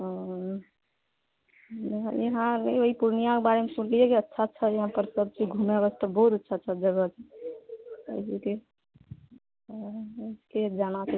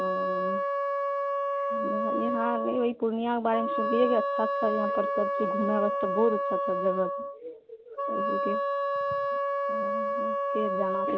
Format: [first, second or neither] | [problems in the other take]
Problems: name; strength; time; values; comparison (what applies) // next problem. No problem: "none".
first | background sound (Wind instrument, woodwind instrument); 2 dB above the speech